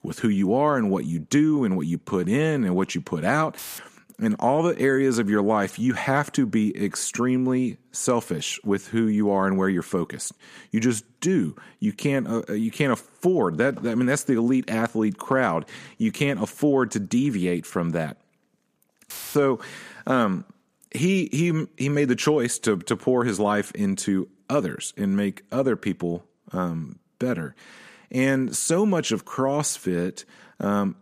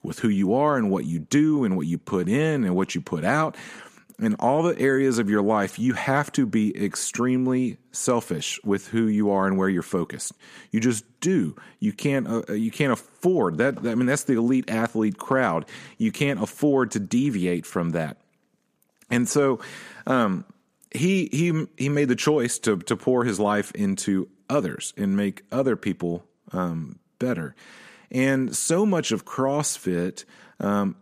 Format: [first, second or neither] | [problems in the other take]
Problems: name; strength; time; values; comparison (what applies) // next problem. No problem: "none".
second | audio cutting out; filled with static; at 3.5 s and at 19 s